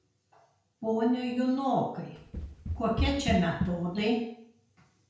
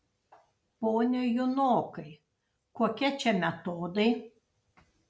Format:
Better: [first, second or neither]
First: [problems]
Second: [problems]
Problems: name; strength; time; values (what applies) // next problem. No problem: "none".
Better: second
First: background sound (Run); 3 dB below the speech // room echo; dies away in 0.5 s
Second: none